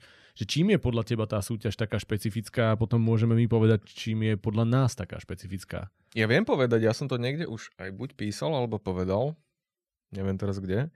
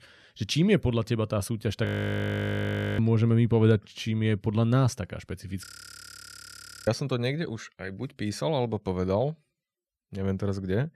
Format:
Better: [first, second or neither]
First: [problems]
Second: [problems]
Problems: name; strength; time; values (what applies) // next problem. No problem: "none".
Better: first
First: none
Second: audio freezing; at 2 s for 1 s and at 5.5 s for 1 s